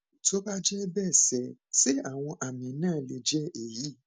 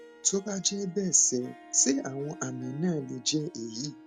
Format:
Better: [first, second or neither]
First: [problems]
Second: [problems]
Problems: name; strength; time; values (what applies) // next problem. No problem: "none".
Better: first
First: none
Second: background sound (Harp); 19 dB below the speech